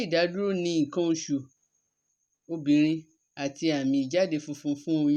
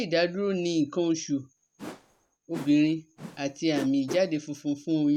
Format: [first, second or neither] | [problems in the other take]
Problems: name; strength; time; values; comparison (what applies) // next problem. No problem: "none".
first | background sound (Whoosh, swoosh, swish); 14 dB below the speech